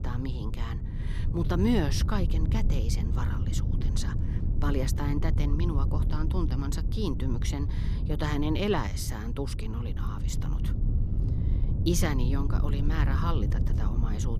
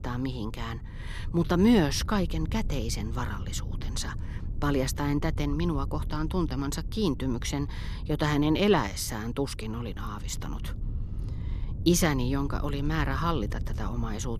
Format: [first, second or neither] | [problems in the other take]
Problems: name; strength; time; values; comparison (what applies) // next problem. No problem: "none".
second | wind noise on the microphone; heavy; 8 dB below the speech; occasional gusts in the second